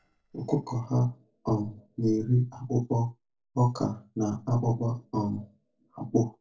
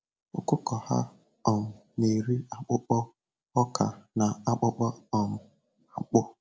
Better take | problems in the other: second | noise reduction (neural separator model SepFormer DNS4)

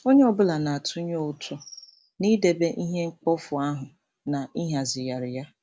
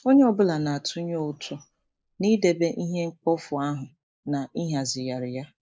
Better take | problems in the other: first | noise reduction (neural mask model Resemble Enhance denoiser)

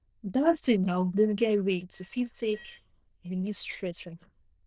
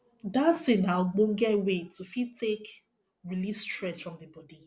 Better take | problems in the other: second | noise reduction (neural diffusion model UNIVERSE++)

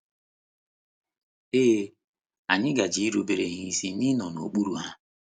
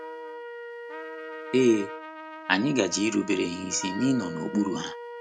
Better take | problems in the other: first | background sound (Wind instrument, woodwind instrument + Trumpet); 11 dB below the speech

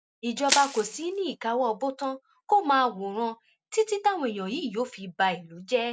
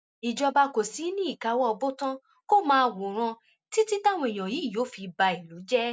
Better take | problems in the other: second | background sound (Crushing); 4 dB below the speech

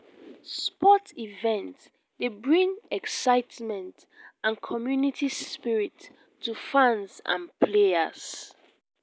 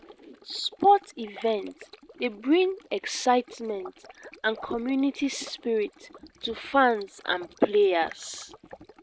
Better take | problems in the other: first | noise reduction (neural mask model RNNoise)

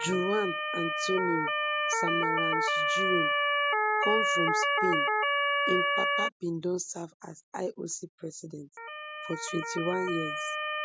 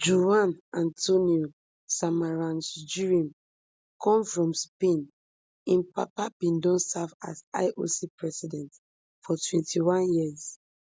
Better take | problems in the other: second | background sound (Motor vehicle (road) / Siren); 4 dB above the speech

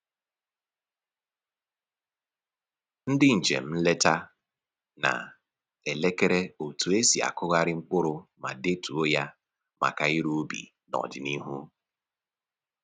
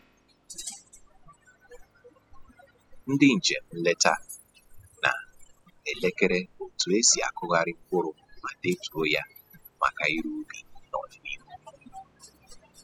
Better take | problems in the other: first | noise reduction (classical method spectral subtraction)

